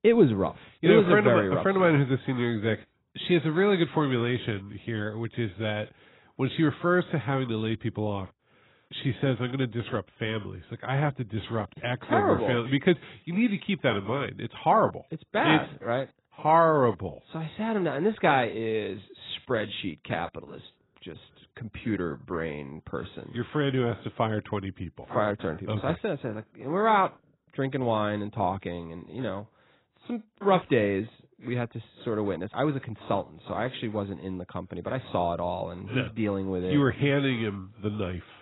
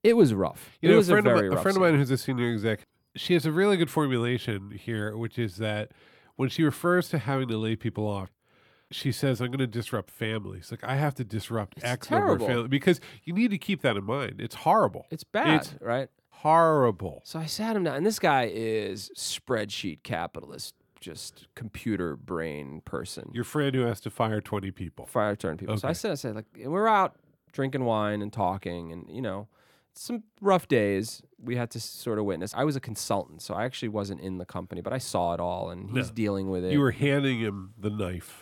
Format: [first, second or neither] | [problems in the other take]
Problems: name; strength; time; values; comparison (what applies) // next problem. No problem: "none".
second | garbled, watery; badly; nothing above 4 kHz